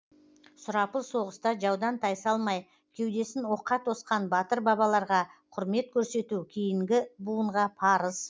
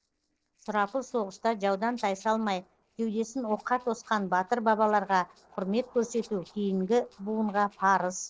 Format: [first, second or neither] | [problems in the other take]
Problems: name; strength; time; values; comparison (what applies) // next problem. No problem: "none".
first | noise reduction (neural separator model SepFormer DNS4)